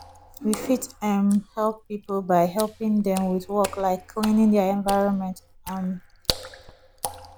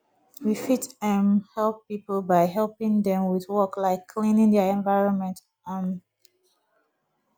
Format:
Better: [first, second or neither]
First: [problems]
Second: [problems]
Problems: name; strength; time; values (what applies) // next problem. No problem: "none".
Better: second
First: background sound (Water / Splash, splatter); 14 dB below the speech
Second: none